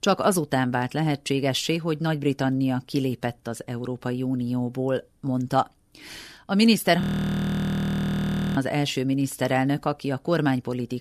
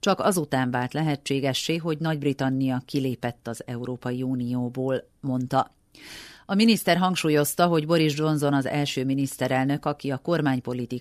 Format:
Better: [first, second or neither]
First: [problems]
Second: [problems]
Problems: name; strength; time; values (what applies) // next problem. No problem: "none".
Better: second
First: audio freezing; at 7 s for 1.5 s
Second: none